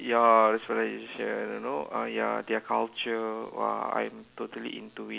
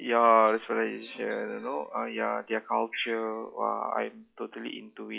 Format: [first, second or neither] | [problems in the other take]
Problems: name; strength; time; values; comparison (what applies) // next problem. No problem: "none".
first | noise reduction (classical method log-MMSE)